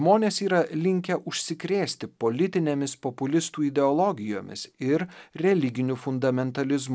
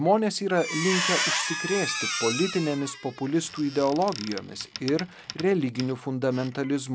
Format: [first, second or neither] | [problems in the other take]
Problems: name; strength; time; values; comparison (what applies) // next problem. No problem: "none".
first | background sound (Squeak); 6 dB below the speech